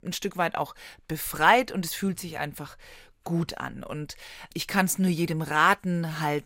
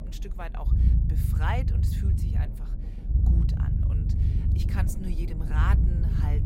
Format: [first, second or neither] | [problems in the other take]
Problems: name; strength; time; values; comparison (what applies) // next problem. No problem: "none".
first | low rumble; loud; throughout; 3 dB below the speech